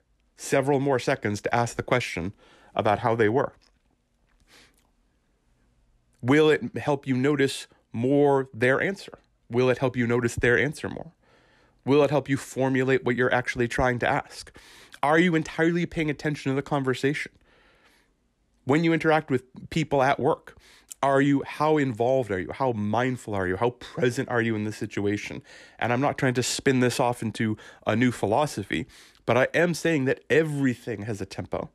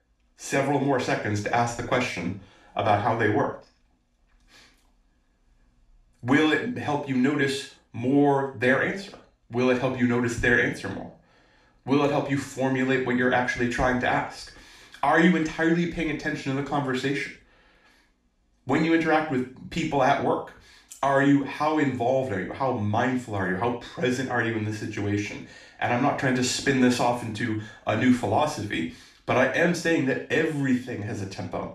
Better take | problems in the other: first | room echo; noticeable; dies away in 0.4 s // off-mic speech; far

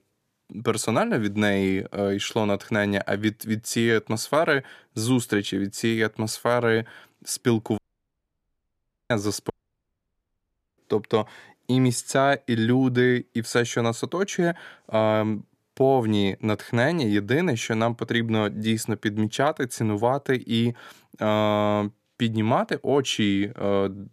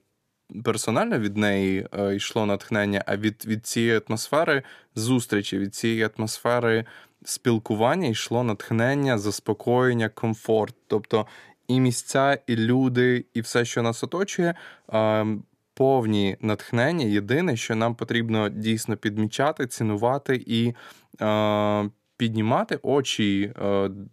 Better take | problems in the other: second | audio cutting out; at 8 s for 1.5 s and at 9.5 s for 1.5 s

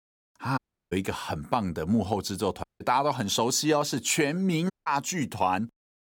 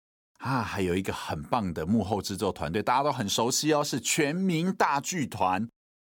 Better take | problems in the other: second | audio cutting out; at 0.5 s, at 2.5 s and at 4.5 s

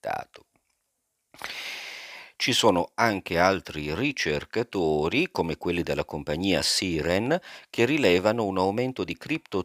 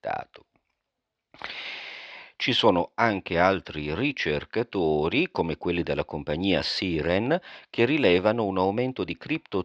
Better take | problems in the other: first | muffled; very slightly; fading above 4 kHz

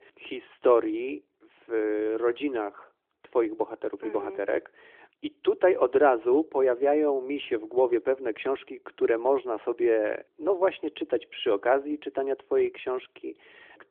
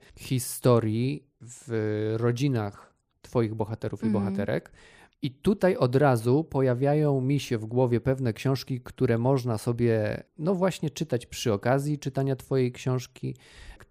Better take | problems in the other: second | phone-call audio; nothing above 3.5 kHz

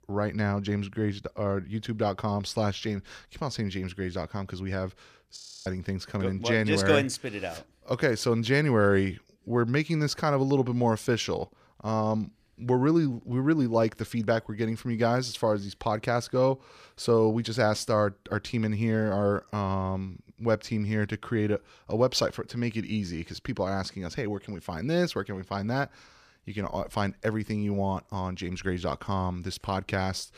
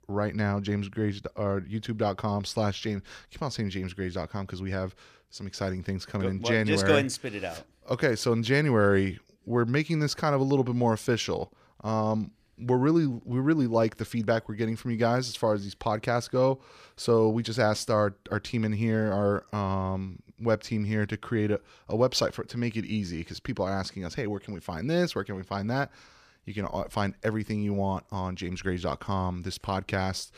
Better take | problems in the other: second | audio freezing; at 5.5 s

